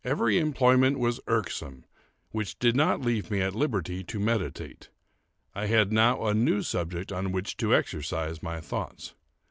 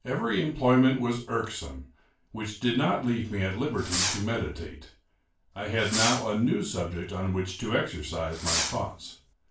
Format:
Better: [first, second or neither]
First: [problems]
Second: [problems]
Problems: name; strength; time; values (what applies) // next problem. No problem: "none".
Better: first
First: none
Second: background sound (Fireworks); 5 dB below the speech // room echo; dies away in 0.3 s